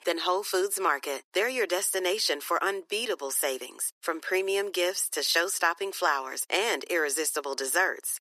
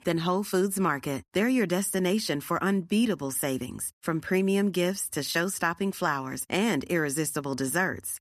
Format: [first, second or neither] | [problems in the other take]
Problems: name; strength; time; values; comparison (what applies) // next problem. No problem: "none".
second | thin; very; fading below 400 Hz